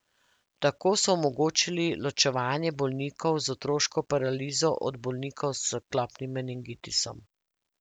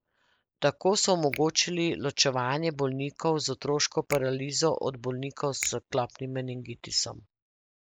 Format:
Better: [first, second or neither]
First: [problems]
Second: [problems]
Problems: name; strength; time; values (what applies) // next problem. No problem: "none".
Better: first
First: none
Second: noise reduction (neural mask model Resemble Enhance denoiser)